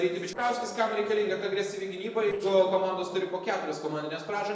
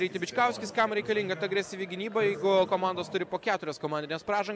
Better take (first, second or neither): second